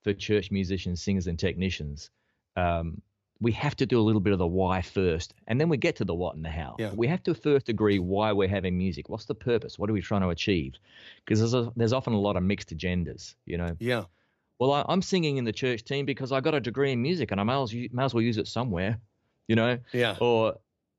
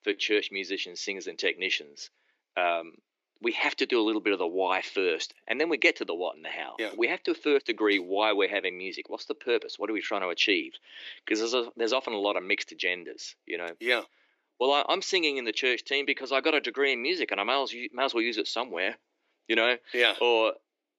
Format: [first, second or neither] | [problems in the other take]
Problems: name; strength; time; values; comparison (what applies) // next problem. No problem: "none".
first | thin; very; fading below 300 Hz